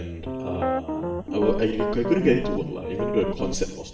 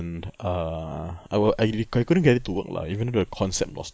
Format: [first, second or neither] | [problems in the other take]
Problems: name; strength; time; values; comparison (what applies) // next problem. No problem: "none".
second | background sound (Piano); 3 dB below the speech // room echo; dies away in 0.8 s